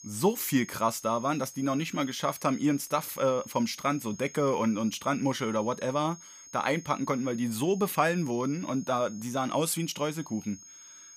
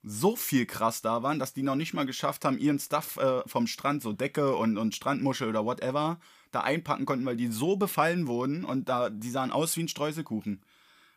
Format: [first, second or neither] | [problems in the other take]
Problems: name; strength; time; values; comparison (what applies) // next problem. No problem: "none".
second | high-pitched whine; noticeable; throughout; 6.5 kHz, 15 dB below the speech